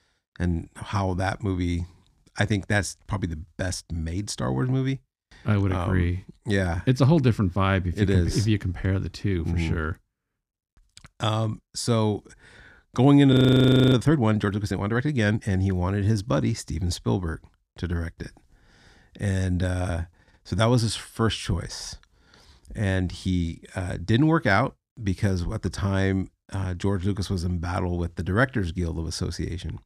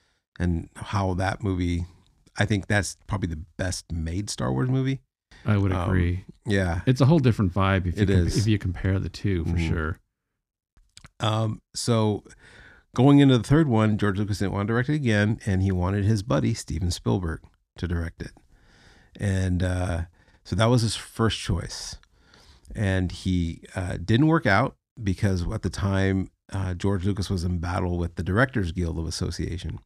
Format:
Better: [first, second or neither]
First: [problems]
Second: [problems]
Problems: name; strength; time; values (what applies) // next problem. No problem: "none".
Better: second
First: audio freezing; at 13 s for 0.5 s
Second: none